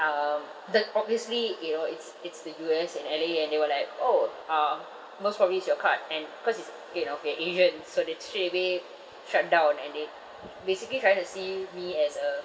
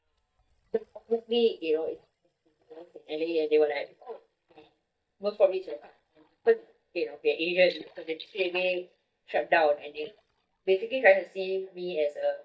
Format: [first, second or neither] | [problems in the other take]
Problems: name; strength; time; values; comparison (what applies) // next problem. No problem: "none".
first | noise reduction (neural mask model DeepFilterNet 3)